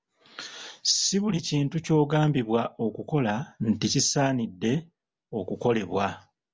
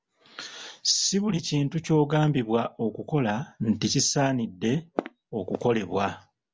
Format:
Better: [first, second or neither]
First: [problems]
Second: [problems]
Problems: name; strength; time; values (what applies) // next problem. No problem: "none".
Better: first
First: none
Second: background sound (Walk, footsteps); 12 dB below the speech